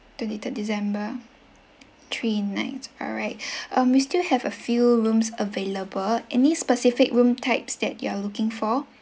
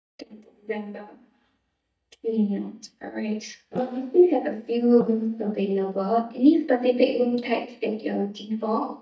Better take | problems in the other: first | noise reduction (neural mask model DeepFilterNet 3)

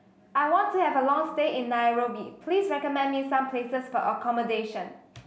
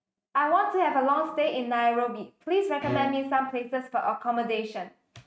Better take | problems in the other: first | noise reduction (neural mask model RNNoise)

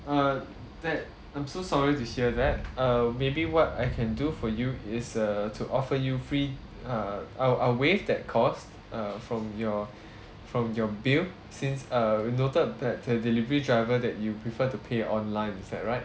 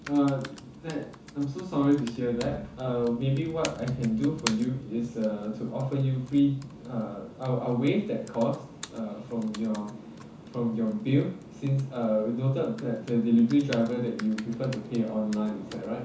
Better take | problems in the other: first | background sound (Computer keyboard); 17 dB below the speech // room echo; dies away in 0.9 s

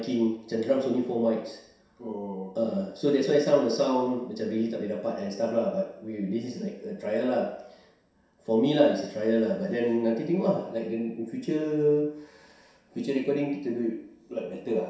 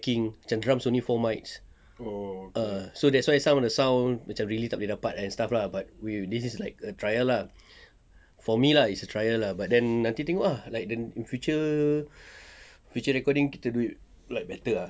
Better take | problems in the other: second | room echo; dies away in 0.7 s

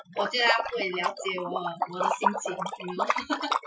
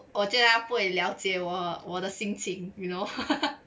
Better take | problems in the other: second | noise reduction (classical method Wiener filter)

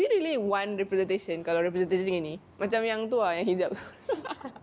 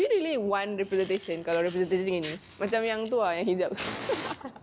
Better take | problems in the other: first | background sound (Fire); 15 dB below the speech

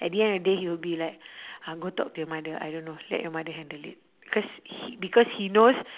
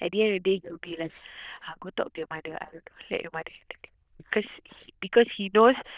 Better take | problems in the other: first | noise reduction (neural diffusion model UNIVERSE++)

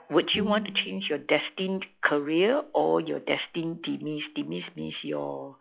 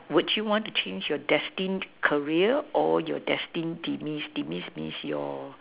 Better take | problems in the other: second | noise reduction (classical method log-MMSE)

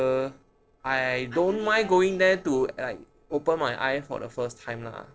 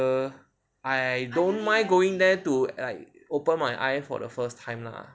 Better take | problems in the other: second | noise reduction (neural separator model SepFormer DNS4)

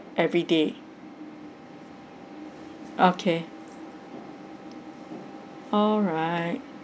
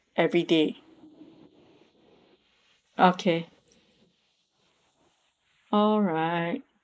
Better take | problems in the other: first | noise reduction (neural mask model Resemble Enhance denoiser)

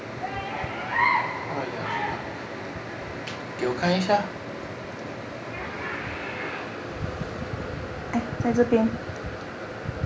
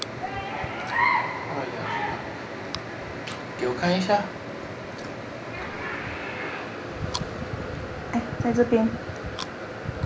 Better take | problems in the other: first | background sound (Chewing, mastication); 18 dB below the speech

